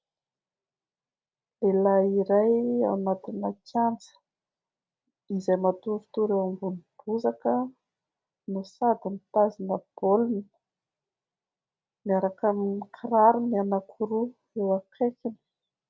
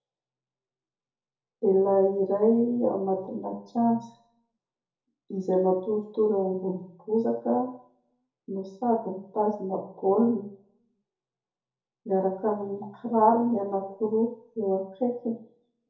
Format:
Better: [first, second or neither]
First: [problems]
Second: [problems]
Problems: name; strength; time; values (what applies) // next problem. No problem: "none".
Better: first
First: none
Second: room echo; dies away in 0.6 s